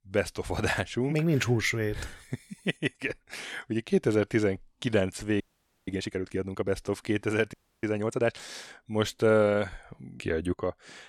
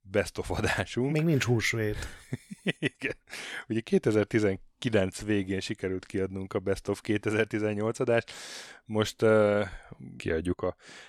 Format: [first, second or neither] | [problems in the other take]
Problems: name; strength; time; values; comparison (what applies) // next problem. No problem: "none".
second | audio freezing; at 5.5 s and at 7.5 s